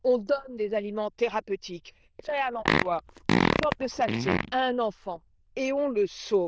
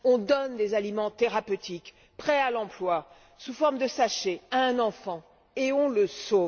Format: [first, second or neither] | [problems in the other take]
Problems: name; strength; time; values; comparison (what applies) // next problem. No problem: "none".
second | noise reduction (neural diffusion model UNIVERSE++)